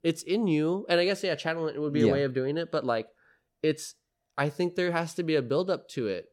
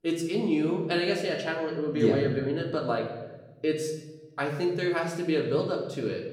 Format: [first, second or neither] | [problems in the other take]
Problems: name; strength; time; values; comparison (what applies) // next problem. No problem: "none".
first | room echo; slight; dies away in 1 s // off-mic speech; somewhat distant